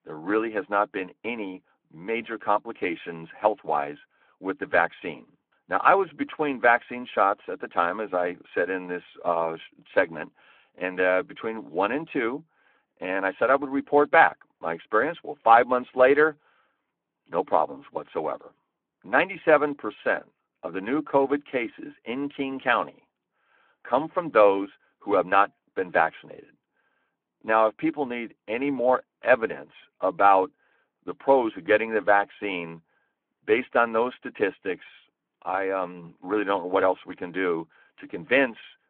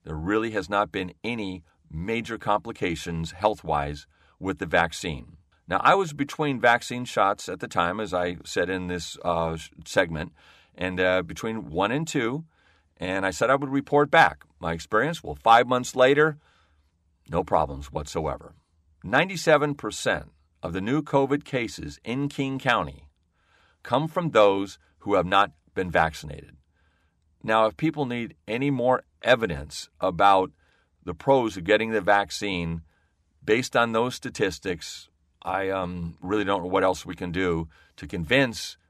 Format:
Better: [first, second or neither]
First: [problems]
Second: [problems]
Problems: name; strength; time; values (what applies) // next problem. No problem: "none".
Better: second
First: phone-call audio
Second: none